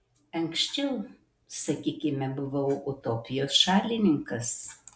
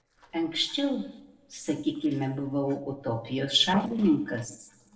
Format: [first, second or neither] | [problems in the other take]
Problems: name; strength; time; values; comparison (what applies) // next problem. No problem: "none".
first | noise reduction (neural separator model SepFormer DNS4)